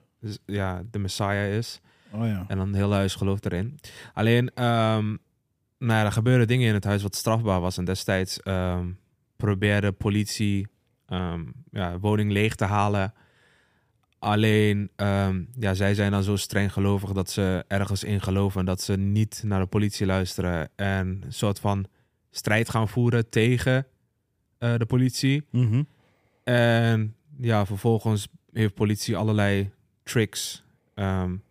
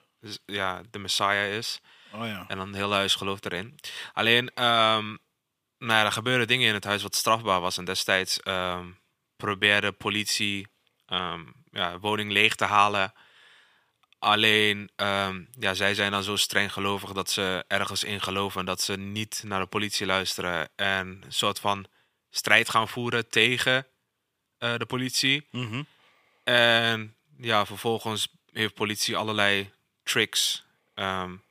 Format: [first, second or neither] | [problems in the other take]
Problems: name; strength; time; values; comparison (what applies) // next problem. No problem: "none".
first | thin; somewhat; fading below 750 Hz